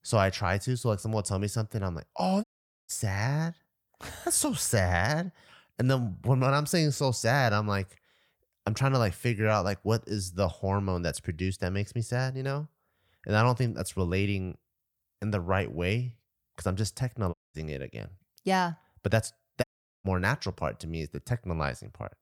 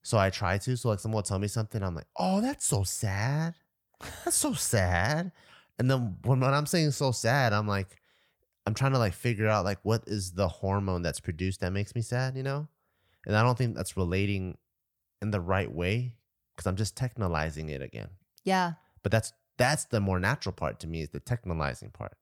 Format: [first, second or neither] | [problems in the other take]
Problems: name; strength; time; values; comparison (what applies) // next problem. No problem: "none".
second | audio cutting out; at 2.5 s, at 17 s and at 20 s